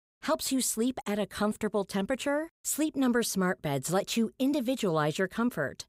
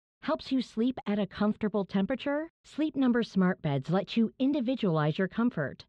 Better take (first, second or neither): first